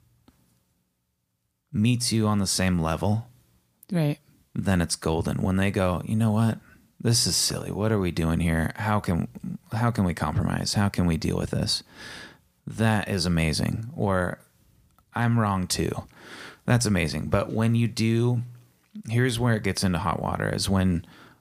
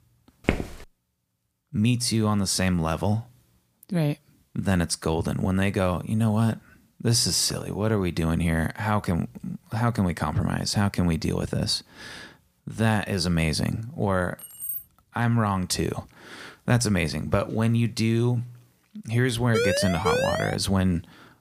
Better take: first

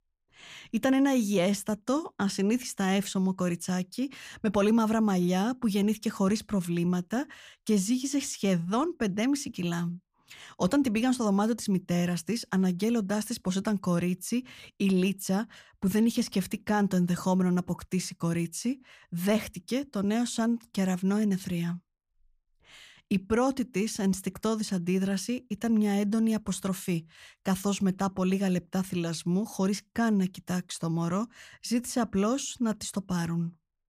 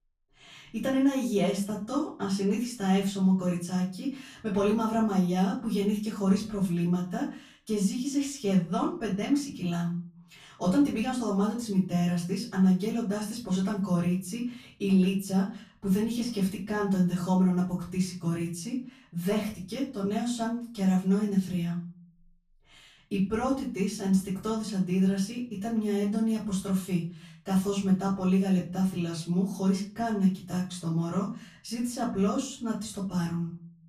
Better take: first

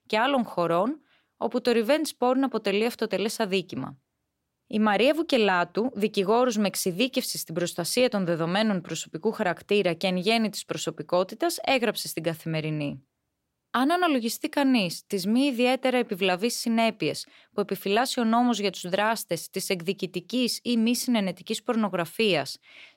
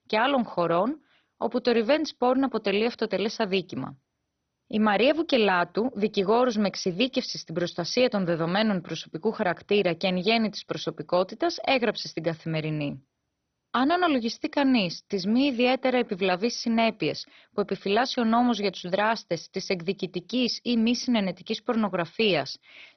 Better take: first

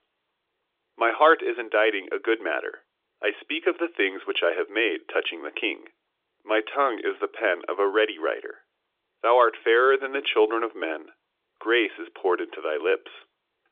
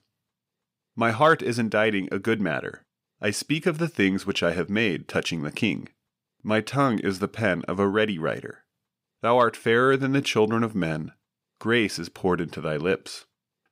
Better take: second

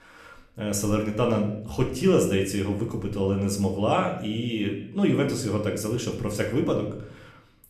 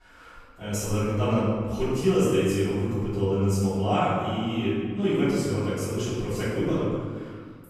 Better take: first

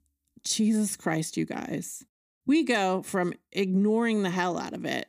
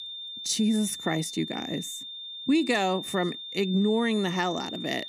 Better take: first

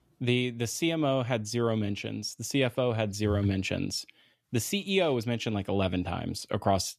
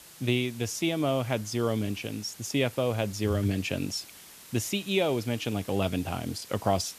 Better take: first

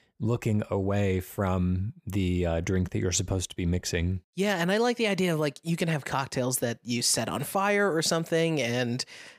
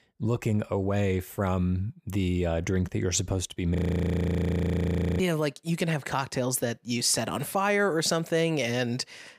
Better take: first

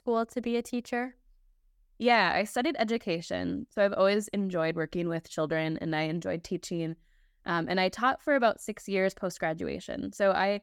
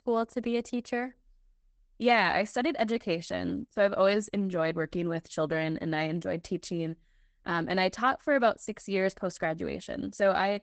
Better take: first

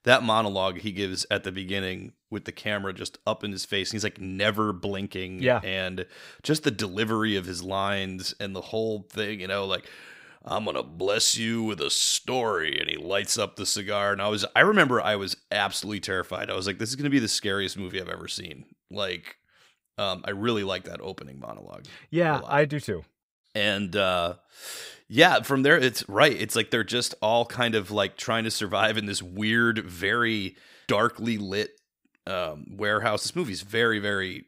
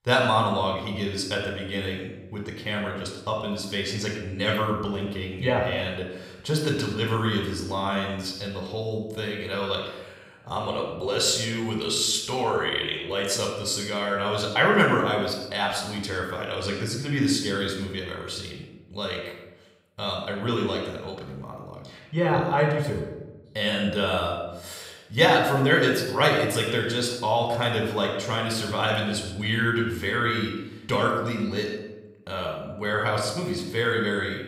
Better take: first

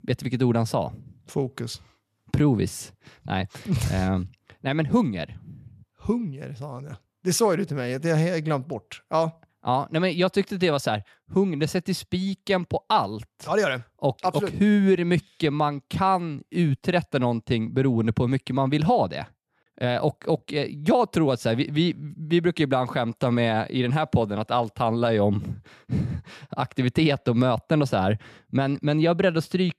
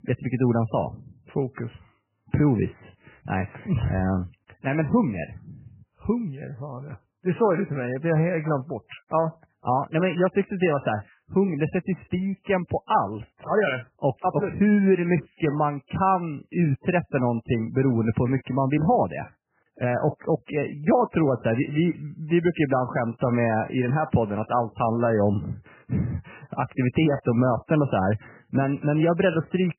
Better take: first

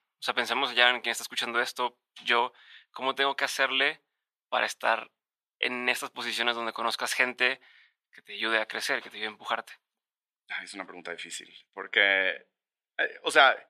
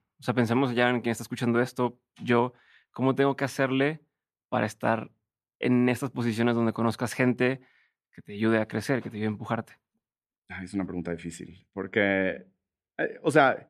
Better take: second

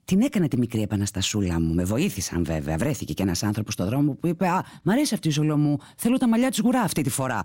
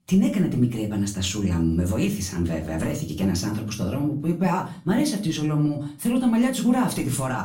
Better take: first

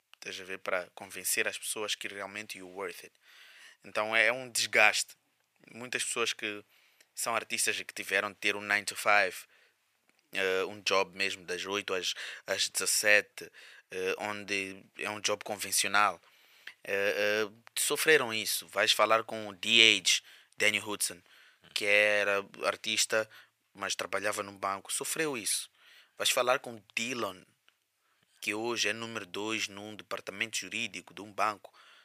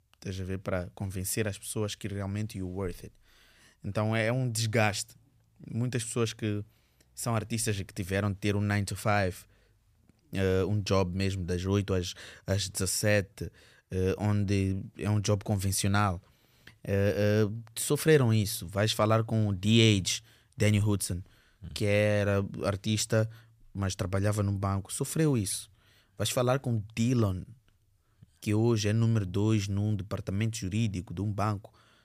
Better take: second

